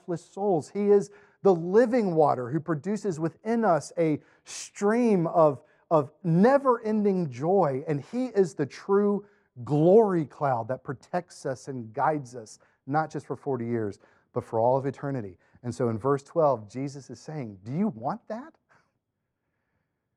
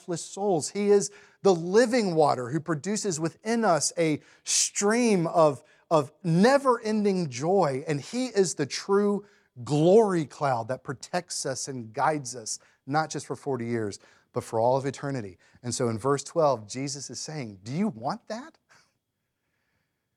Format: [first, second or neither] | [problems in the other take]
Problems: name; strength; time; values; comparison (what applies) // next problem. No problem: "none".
second | muffled; very; fading above 2.5 kHz